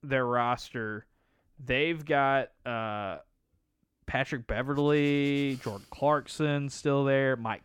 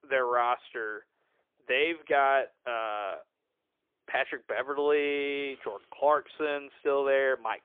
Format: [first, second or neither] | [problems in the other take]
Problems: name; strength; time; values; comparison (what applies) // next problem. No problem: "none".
first | phone-call audio; poor line; nothing above 3.5 kHz